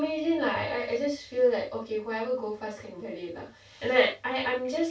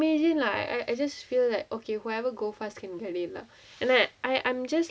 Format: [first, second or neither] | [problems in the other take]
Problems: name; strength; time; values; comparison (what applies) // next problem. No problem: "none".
second | room echo; dies away in 0.2 s